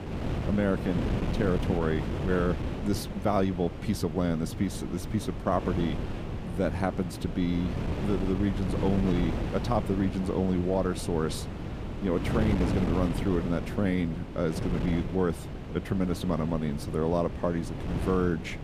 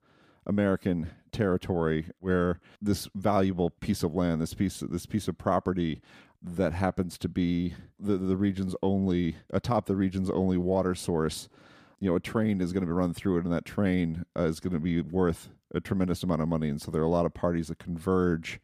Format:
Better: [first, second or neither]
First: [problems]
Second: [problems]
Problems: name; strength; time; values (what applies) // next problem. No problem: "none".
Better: second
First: wind noise on the microphone; heavy; 7 dB below the speech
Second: none